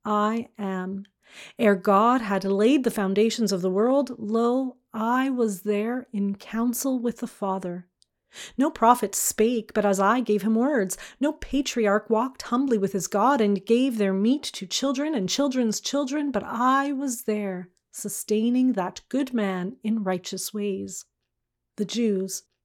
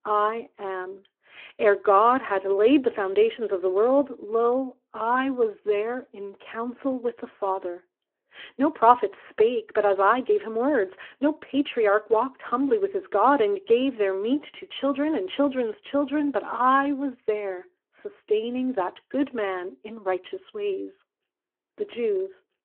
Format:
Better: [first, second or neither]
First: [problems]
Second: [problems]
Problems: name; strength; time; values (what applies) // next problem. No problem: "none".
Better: first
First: none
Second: phone-call audio